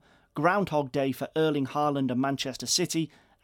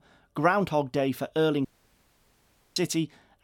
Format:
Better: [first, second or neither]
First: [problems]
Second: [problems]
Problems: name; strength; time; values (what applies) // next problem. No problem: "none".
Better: first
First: none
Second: audio cutting out; at 1.5 s for 1 s